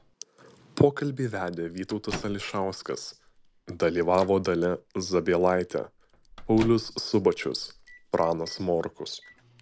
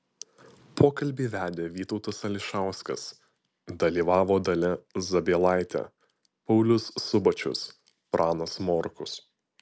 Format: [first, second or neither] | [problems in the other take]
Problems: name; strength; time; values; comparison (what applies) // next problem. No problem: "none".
second | background sound (Microwave oven); 19 dB below the speech